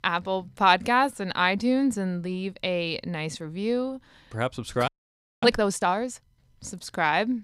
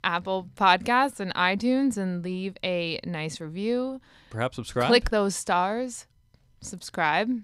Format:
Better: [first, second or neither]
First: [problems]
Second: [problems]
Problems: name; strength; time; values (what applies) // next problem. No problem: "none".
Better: second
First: audio freezing; at 5 s for 0.5 s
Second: none